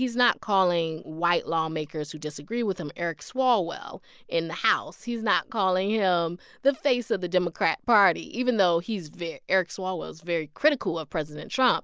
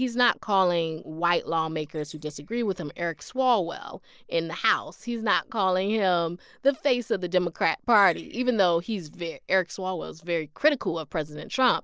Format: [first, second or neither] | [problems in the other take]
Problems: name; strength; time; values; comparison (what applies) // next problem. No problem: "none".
first | noise reduction (neural separator model SepFormer DNS4)